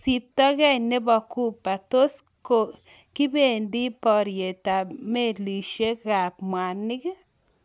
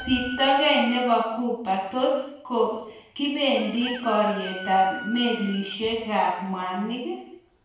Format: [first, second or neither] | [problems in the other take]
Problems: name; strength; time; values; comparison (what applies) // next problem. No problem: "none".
first | background sound (Chicken, rooster); 16 dB below the speech // room echo; dies away in 0.7 s